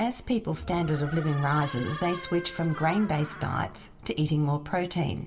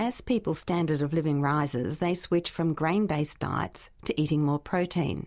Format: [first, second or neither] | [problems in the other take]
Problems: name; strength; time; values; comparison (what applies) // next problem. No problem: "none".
second | background sound (Door); 13 dB below the speech // room echo; dies away in 3 s